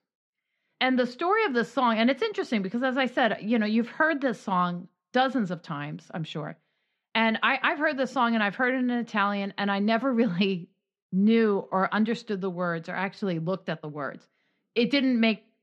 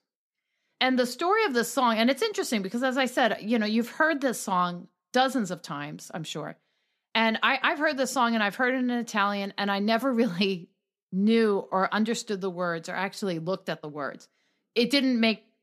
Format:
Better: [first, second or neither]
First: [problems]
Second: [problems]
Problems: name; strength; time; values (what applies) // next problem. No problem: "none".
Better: second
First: muffled; very slightly; fading above 3 kHz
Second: none